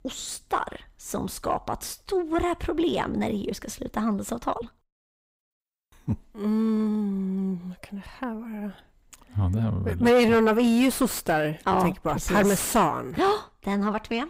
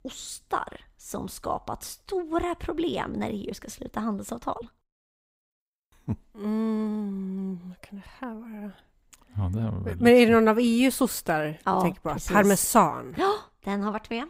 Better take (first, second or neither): second